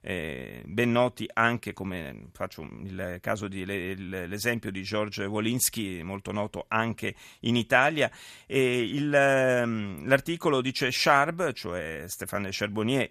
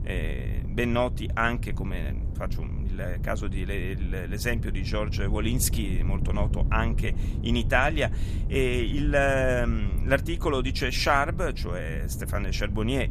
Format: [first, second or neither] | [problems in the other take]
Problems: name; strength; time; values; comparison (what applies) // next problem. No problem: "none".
first | wind noise on the microphone; occasional gusts; 15 dB below the speech